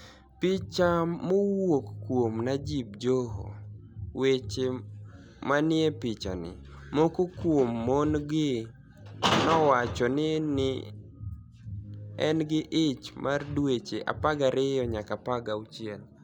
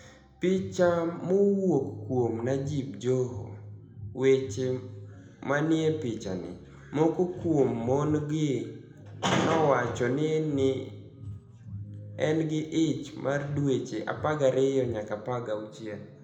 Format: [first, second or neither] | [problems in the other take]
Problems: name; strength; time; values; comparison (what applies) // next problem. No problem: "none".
first | room echo; dies away in 0.8 s